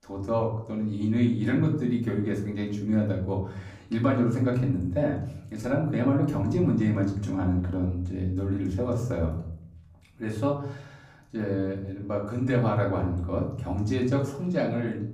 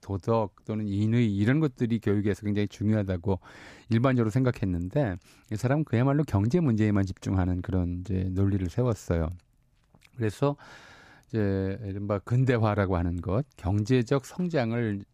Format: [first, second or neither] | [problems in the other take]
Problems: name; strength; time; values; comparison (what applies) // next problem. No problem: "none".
second | off-mic speech; far // room echo; slight; dies away in 0.7 s